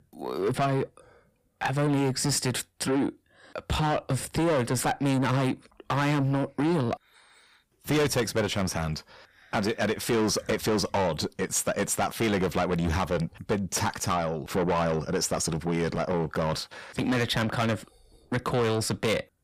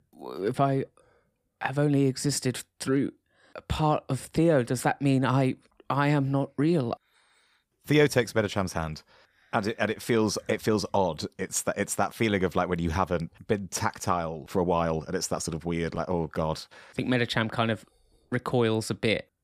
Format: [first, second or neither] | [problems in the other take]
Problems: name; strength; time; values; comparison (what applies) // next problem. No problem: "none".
second | distortion; heavy; 6 dB below the speech